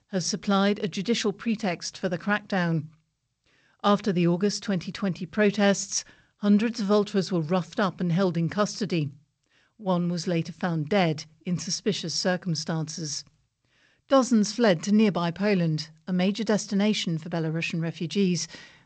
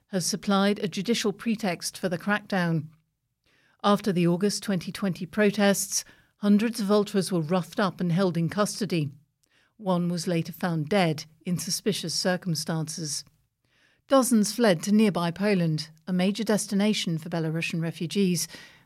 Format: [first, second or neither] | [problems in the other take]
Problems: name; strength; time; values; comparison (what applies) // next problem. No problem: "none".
second | garbled, watery; slightly; nothing above 8 kHz